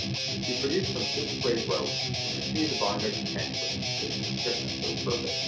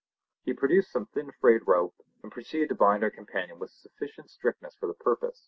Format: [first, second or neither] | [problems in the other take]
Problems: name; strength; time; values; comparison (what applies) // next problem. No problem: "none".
second | background sound (Guitar); 3 dB above the speech // room echo; dies away in 0.4 s